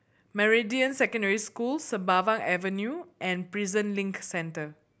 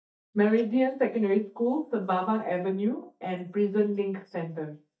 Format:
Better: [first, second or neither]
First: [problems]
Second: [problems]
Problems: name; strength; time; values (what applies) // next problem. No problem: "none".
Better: first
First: none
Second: noise reduction (neural mask model DeepFilterNet 3)